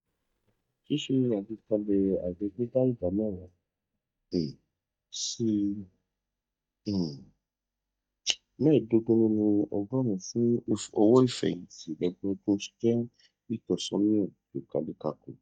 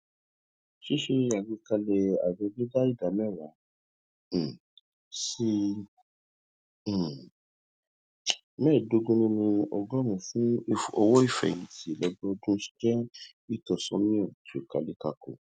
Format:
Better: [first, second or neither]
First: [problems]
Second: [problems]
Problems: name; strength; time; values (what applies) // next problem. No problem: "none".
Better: second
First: noise reduction (neural mask model DeepFilterNet 3)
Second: none